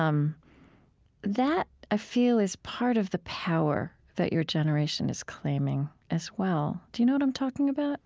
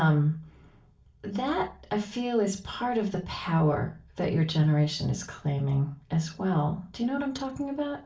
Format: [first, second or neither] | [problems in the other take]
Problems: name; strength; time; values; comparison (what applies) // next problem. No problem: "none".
first | room echo; dies away in 0.3 s